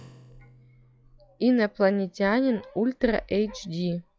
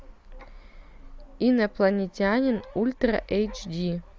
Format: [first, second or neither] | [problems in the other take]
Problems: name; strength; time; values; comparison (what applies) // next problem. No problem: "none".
second | noise reduction (classical method log-MMSE)